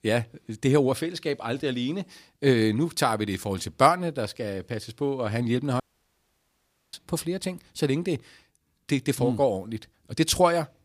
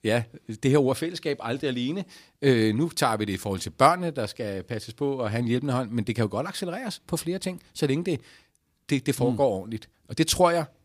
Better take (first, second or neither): second